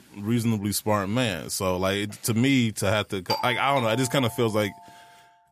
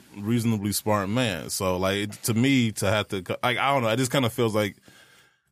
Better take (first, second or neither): second